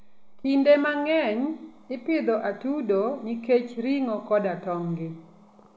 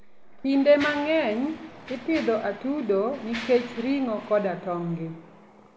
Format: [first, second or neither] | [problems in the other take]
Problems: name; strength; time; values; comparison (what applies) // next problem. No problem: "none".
first | background sound (Mechanisms); 16 dB below the speech